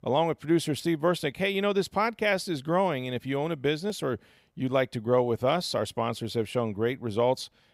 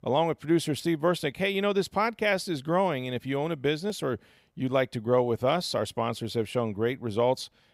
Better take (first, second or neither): neither